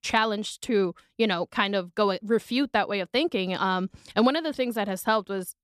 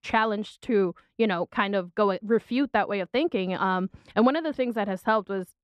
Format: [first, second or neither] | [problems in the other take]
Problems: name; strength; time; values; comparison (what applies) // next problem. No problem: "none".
first | muffled; slightly; fading above 3.5 kHz